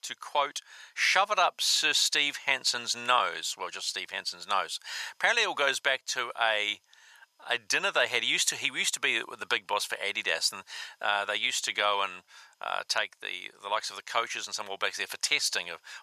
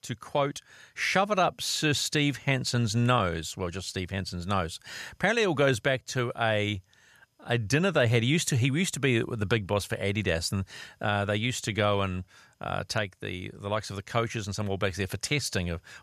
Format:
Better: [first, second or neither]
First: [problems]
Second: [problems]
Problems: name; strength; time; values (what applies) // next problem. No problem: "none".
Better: second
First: thin; very; fading below 800 Hz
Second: none